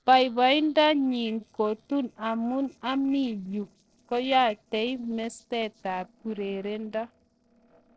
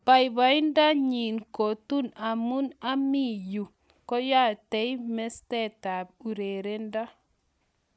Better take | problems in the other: second | noise reduction (neural separator model SepFormer DNS4)

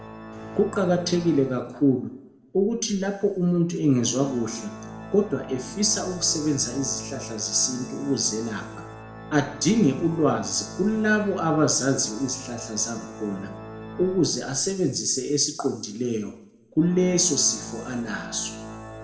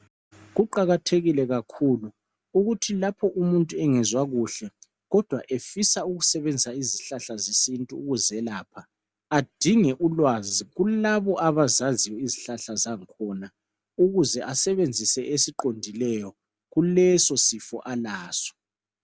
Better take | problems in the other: second | background sound (Organ); 15 dB below the speech // room echo; dies away in 0.7 s

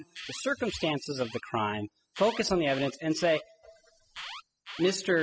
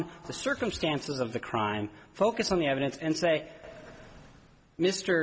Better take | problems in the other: second | noise reduction (classical method spectral subtraction)

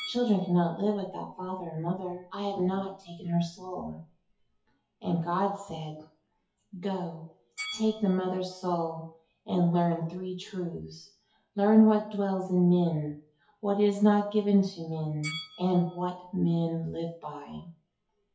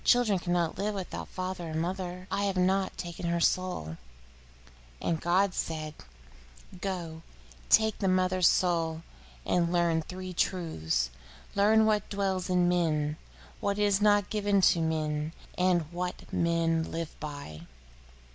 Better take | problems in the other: second | noise reduction (classical method WPE with log-MMSE)

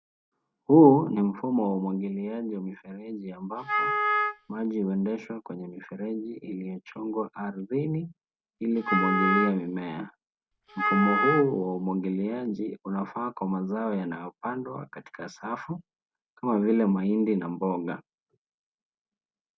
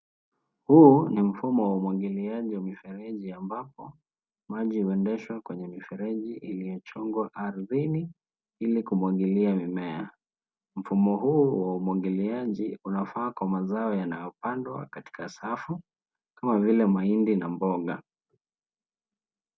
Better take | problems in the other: second | background sound (Wind instrument, woodwind instrument); 1 dB below the speech

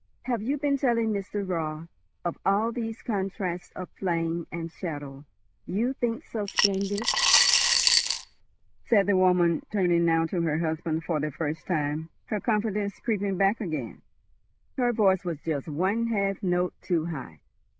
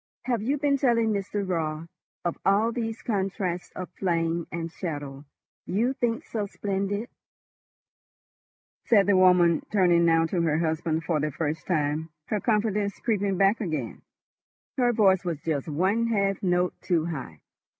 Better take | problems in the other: second | noise reduction (neural diffusion model UNIVERSE++)

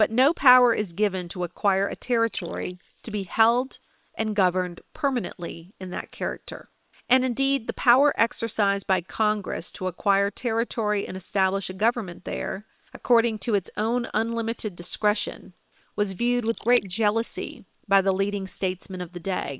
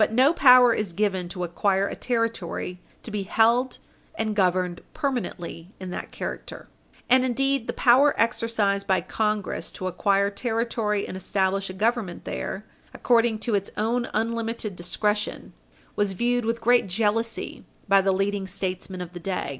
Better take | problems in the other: second | noise reduction (neural separator model SepFormer WHAM!)

